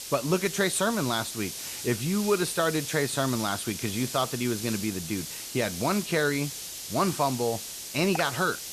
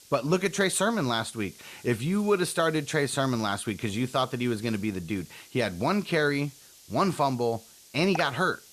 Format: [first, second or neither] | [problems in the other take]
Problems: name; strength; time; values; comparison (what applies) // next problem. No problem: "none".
second | hiss; loud; throughout; 7 dB below the speech; faint in the second